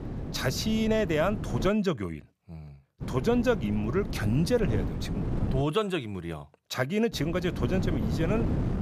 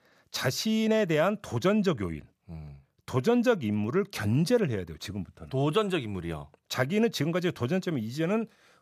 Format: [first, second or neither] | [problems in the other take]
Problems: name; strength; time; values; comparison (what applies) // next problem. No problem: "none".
second | wind noise on the microphone; heavy; until 1.5 s, from 3 to 5.5 s and from 7 s on; 10 dB below the speech